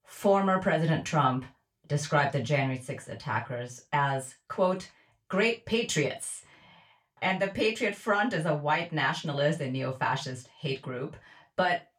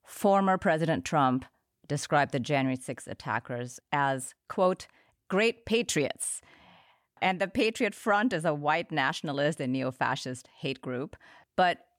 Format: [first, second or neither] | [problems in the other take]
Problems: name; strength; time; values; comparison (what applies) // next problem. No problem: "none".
second | room echo; very slight; dies away in 0.2 s // off-mic speech; far